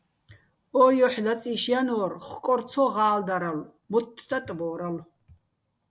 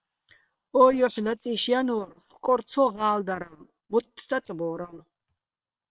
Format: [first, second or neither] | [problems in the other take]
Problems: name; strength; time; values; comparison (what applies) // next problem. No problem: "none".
first | noise reduction (neural separator model SepFormer WHAM!)